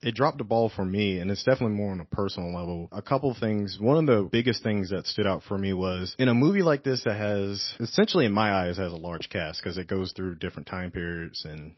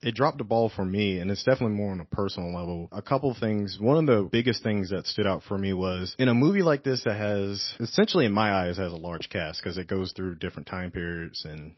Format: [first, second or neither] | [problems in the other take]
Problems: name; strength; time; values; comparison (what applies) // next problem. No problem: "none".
neither | garbled, watery; slightly; nothing above 5.5 kHz; the same in both